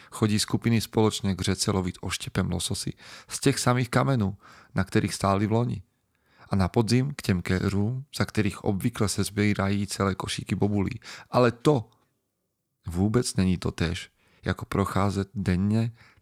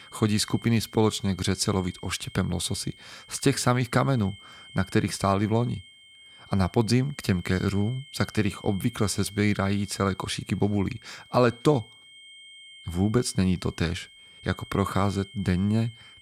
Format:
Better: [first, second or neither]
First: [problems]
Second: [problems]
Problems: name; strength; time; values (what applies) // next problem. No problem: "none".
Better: first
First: none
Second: high-pitched whine; faint; throughout; 3 kHz, 20 dB below the speech